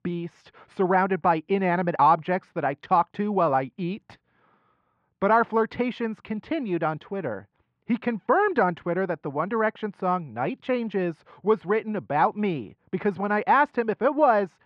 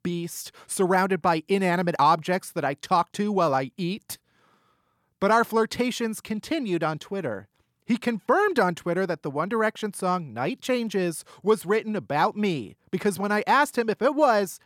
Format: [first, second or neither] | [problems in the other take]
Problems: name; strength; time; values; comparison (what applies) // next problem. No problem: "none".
second | muffled; very; fading above 2.5 kHz